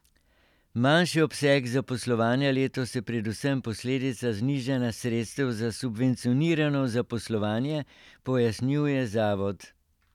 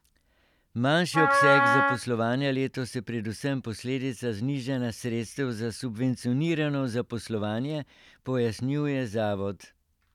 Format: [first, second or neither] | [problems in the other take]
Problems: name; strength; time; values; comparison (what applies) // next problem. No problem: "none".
first | background sound (Wind instrument, woodwind instrument); 4 dB above the speech